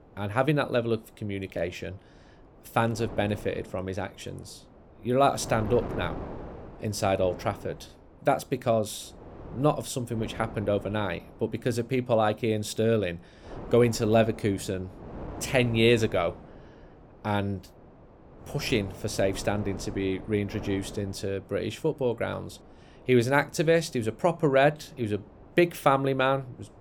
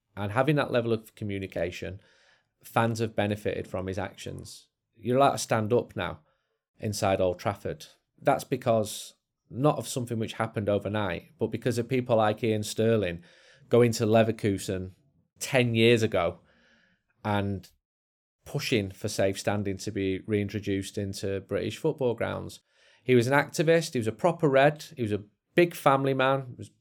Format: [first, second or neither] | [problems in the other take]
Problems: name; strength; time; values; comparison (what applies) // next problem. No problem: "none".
second | wind noise on the microphone; occasional gusts; 20 dB below the speech